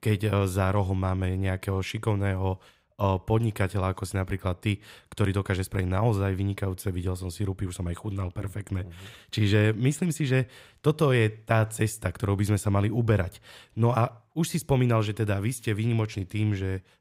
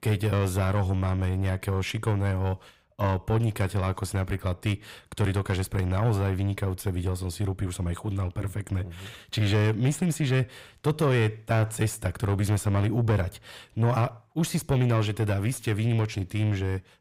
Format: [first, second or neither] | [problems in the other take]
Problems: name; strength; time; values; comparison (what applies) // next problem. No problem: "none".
first | distortion; slight; 10 dB below the speech